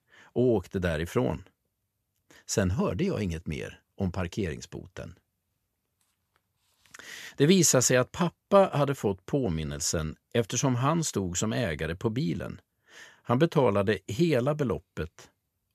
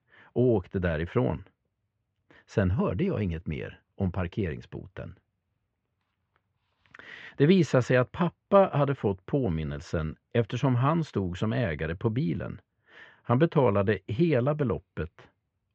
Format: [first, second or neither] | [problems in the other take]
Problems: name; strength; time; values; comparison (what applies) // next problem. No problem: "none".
first | muffled; very; fading above 3 kHz